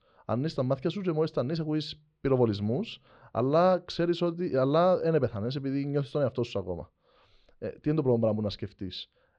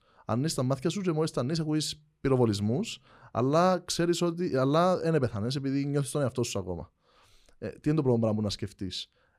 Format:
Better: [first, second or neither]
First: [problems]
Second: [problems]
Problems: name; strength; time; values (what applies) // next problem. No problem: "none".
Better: second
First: muffled; slightly; fading above 4 kHz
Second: none